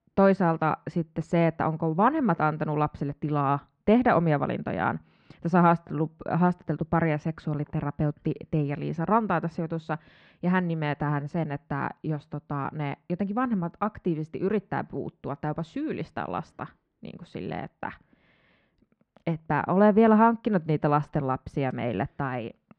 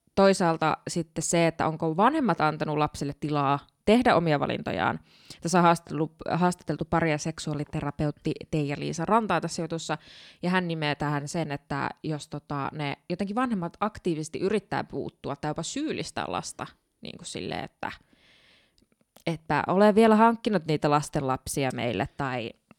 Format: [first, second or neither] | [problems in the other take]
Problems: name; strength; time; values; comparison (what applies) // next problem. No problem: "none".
second | muffled; very; fading above 1.5 kHz